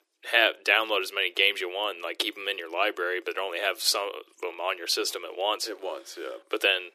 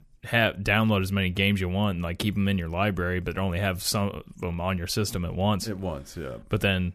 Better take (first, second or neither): second